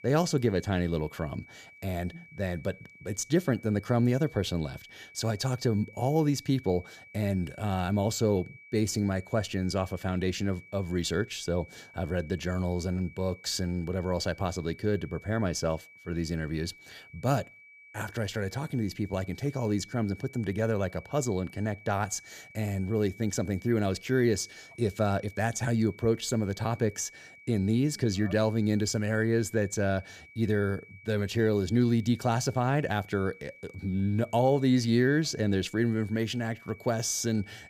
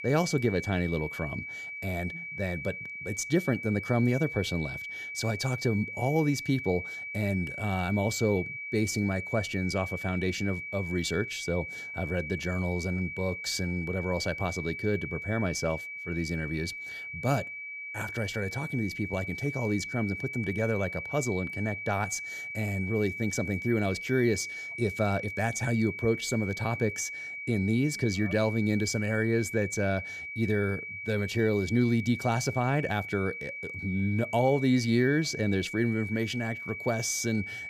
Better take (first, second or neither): first